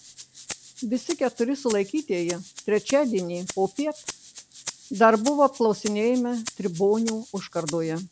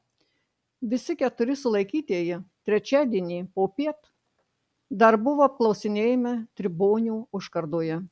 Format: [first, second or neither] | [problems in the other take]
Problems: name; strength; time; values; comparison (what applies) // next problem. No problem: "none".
second | background sound (Rattle (instrument)); 15 dB below the speech